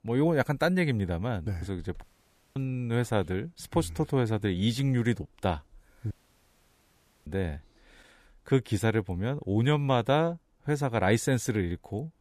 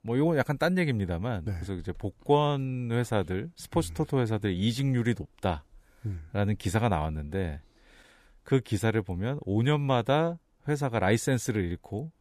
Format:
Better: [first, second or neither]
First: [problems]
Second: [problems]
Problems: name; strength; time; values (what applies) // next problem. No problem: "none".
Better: second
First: audio cutting out; at 2 s for 0.5 s and at 6 s for 1 s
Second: none